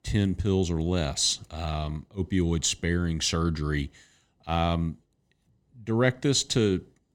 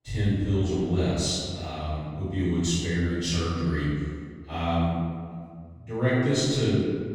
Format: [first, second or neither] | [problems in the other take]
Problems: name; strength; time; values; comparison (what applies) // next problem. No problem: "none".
first | room echo; strong; dies away in 1.8 s // off-mic speech; far